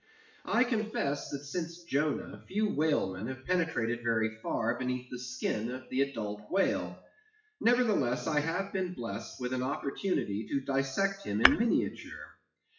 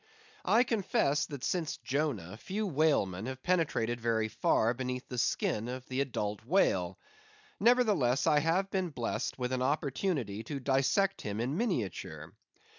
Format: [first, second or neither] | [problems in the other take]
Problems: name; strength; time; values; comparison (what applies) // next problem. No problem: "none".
second | noise reduction (classical method WPE with log-MMSE)